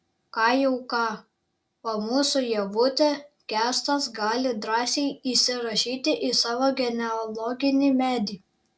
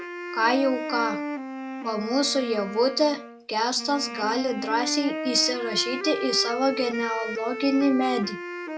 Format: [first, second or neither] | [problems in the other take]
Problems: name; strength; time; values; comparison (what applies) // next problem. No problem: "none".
first | background sound (Wind instrument, woodwind instrument); 7 dB below the speech